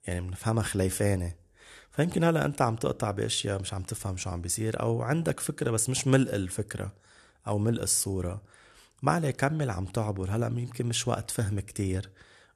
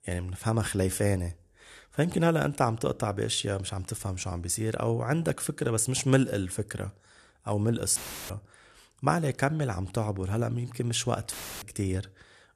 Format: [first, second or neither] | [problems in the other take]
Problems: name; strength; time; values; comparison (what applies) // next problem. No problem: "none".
first | audio cutting out; filled with static; at 8 s and at 11 s